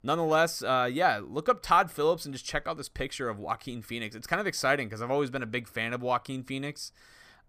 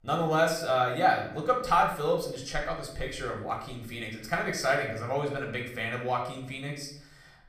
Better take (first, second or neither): first